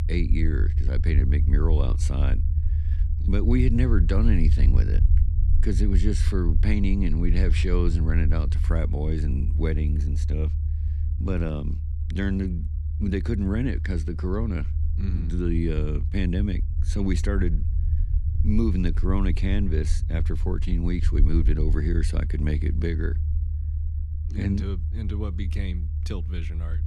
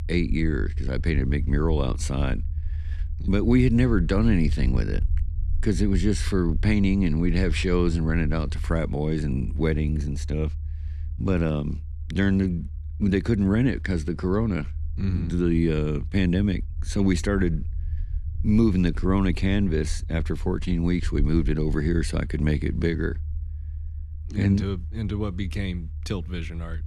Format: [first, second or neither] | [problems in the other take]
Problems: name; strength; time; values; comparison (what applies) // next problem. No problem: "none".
second | low rumble; loud; throughout; 10 dB below the speech; faint in the second